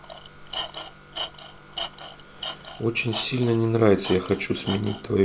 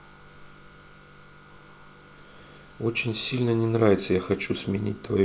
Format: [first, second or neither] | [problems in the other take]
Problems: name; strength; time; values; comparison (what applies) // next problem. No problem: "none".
second | background sound (Tools); 12 dB below the speech